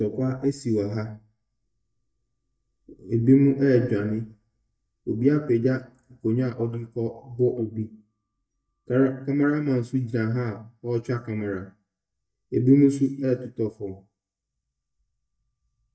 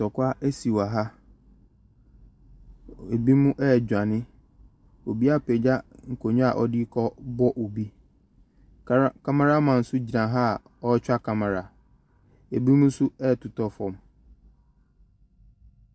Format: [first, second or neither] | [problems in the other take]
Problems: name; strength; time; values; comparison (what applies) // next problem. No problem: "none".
second | noise reduction (neural mask model DeepFilterNet 3)